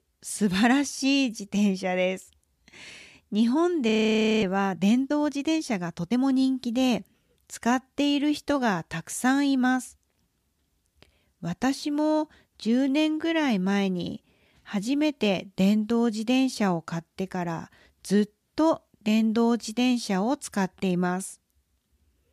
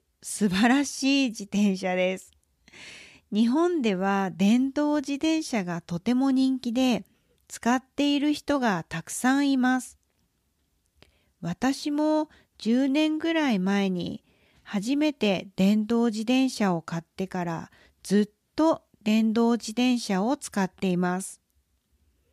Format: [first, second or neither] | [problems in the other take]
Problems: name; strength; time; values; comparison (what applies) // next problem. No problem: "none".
second | audio freezing; at 4 s for 0.5 s